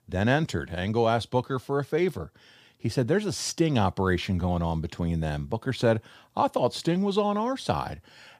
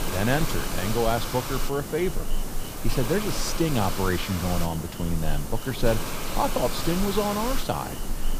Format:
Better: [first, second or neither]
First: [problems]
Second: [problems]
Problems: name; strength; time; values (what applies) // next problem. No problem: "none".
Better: first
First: none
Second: hiss; loud; throughout; 4 dB below the speech